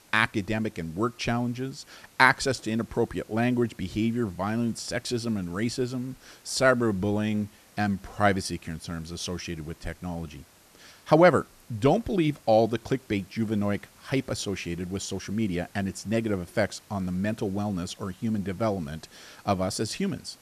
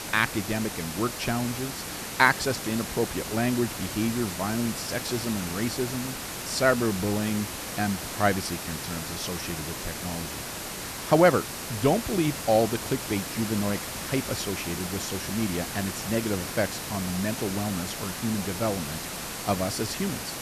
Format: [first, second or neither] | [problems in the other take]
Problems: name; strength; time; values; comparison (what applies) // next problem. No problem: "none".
first | hiss; loud; throughout; 5 dB below the speech; faint in the first